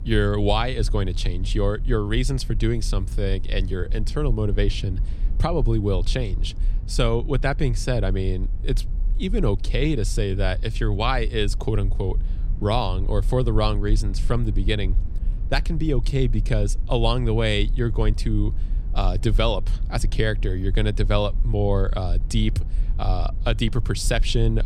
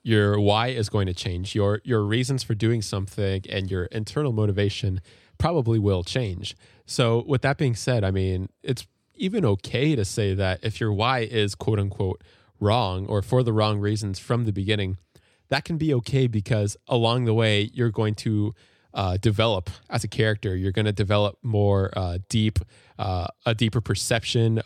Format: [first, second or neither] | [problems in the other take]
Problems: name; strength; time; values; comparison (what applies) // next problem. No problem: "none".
second | low rumble; faint; throughout; 20 dB below the speech